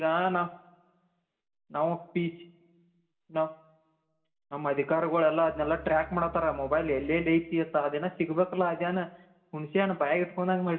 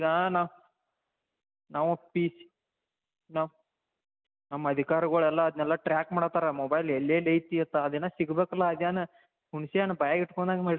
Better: second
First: background sound (Bowed string instrument); 18 dB below the speech // room echo; dies away in 0.6 s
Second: none

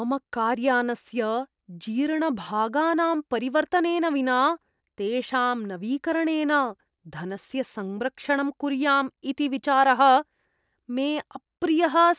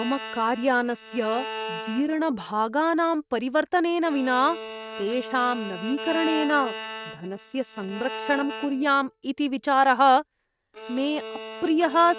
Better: first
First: none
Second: noise reduction (neural mask model RNNoise)

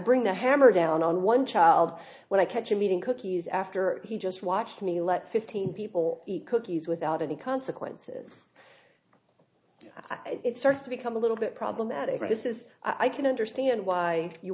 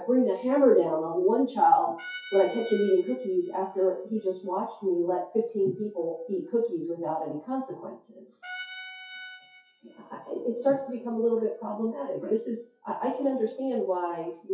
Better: first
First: none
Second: noise reduction (classical method WPE with log-MMSE)

